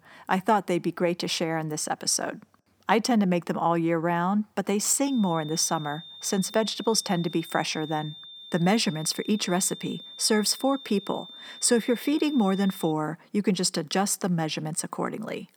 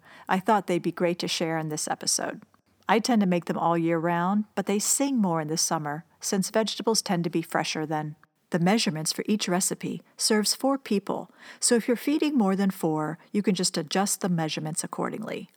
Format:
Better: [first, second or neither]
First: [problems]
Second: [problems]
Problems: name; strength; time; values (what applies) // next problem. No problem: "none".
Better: second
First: high-pitched whine; noticeable; from 5 to 13 s; 3.5 kHz, 15 dB below the speech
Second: none